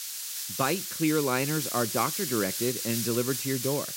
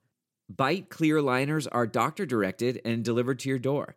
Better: second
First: hiss; loud; throughout; 2 dB below the speech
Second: none

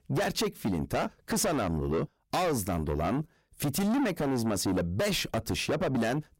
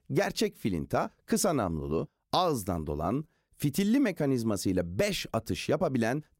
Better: second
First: distortion; heavy; 6 dB below the speech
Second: none

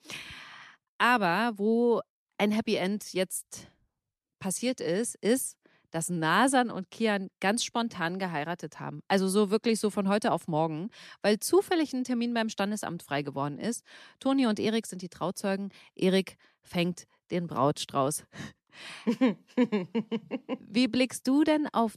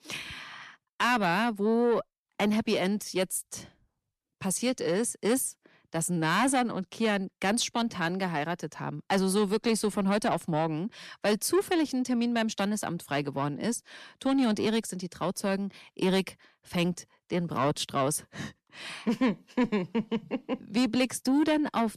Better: first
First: none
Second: distortion; slight; 10 dB below the speech

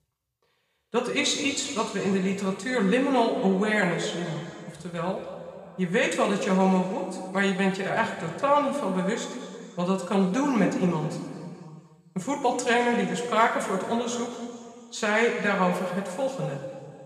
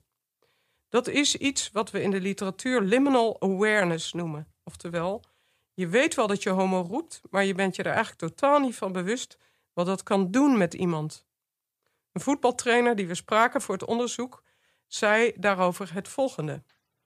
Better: second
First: room echo; noticeable; dies away in 2.1 s // off-mic speech; far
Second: none

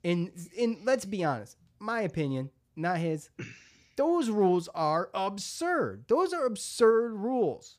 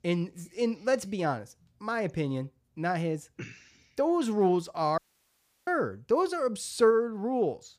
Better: first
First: none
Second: audio cutting out; at 5 s for 0.5 s

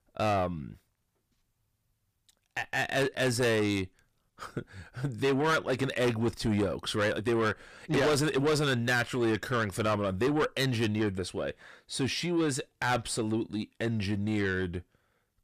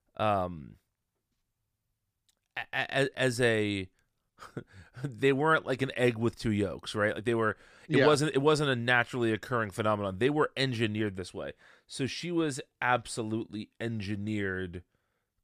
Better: second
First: distortion; heavy; 7 dB below the speech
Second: none

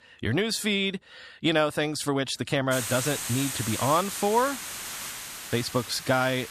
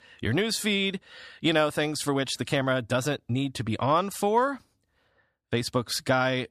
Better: second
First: hiss; loud; from 2.5 s on; 6 dB below the speech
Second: none

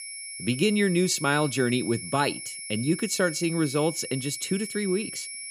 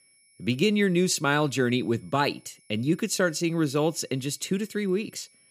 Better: second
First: high-pitched whine; loud; throughout; 10.5 kHz, 9 dB below the speech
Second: high-pitched whine; faint; throughout; 10.5 kHz, 30 dB below the speech

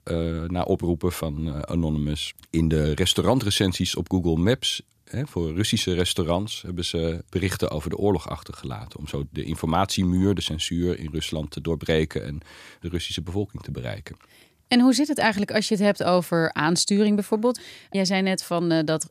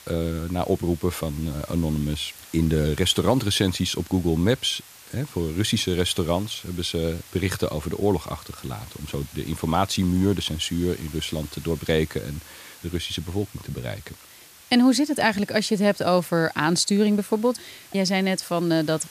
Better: first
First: none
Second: hiss; noticeable; throughout; 20 dB below the speech

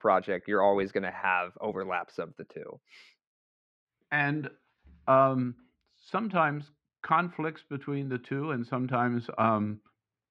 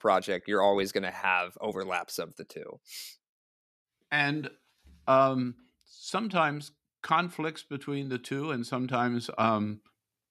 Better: second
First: muffled; very; fading above 2 kHz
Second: none

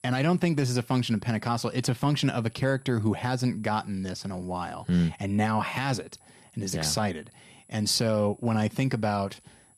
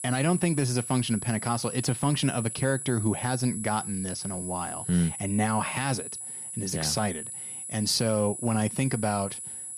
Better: first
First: high-pitched whine; faint; throughout; 10.5 kHz, 30 dB below the speech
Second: high-pitched whine; loud; throughout; 10.5 kHz, 6 dB below the speech

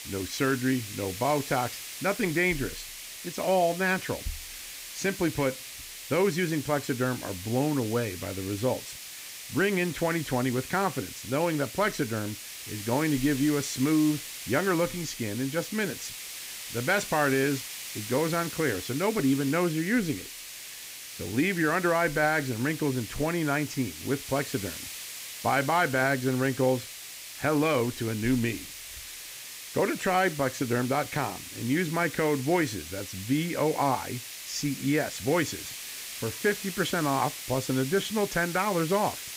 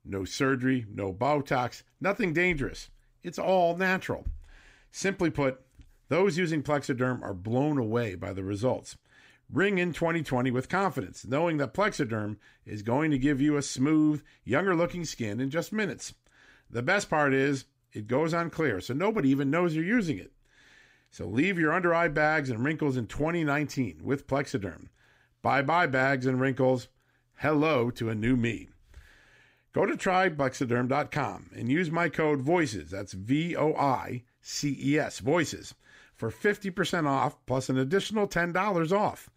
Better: second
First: hiss; loud; throughout; 10 dB below the speech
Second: none

